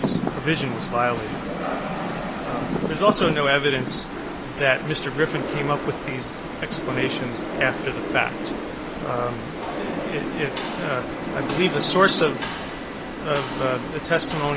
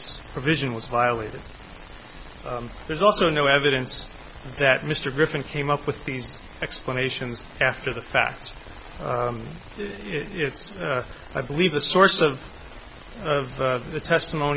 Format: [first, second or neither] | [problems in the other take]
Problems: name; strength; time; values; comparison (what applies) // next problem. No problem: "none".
second | background sound (Rain); 3 dB below the speech